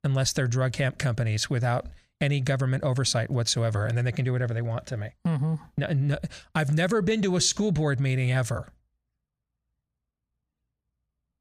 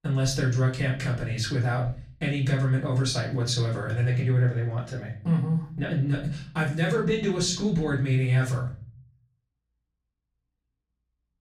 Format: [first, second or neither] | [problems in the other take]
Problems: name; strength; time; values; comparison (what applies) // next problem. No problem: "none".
first | room echo; slight; dies away in 0.5 s // off-mic speech; far